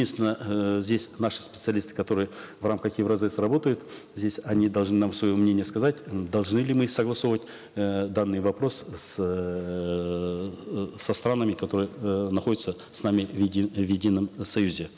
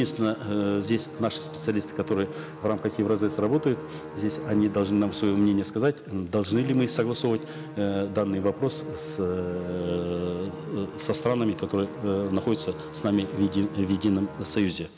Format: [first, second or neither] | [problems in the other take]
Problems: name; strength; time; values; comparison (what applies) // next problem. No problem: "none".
first | background sound (Musical instrument); 12 dB below the speech